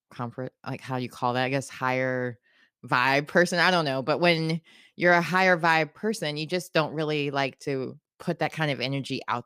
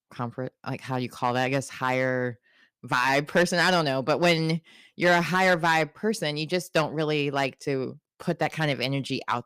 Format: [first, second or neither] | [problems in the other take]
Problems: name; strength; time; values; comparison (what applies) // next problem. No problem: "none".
first | distortion; slight; 1.9% of the sound clipped